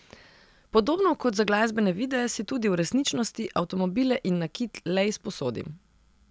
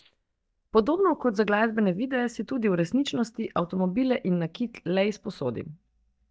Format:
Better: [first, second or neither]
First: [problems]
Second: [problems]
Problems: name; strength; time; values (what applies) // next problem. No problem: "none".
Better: first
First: none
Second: noise reduction (neural mask model DeepFilterNet 3)